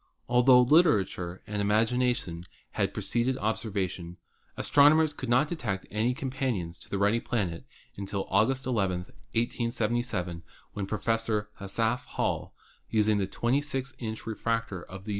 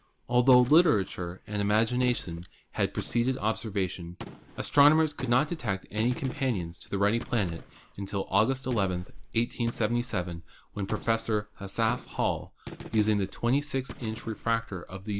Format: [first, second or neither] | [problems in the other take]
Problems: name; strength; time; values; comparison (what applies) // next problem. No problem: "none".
first | background sound (Gunshot, gunfire); 18 dB below the speech